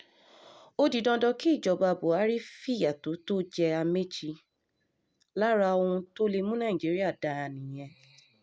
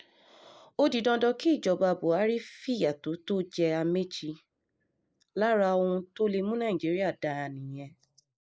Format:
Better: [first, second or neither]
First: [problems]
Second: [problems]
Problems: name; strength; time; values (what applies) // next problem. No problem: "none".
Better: first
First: none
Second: noise reduction (neural mask model Resemble Enhance denoiser)